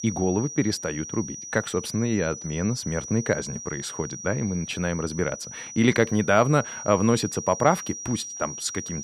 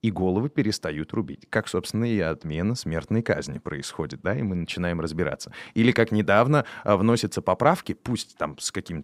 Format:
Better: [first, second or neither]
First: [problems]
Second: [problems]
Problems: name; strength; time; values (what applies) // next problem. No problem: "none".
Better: second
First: high-pitched whine; loud; throughout; 5.5 kHz, 10 dB below the speech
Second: none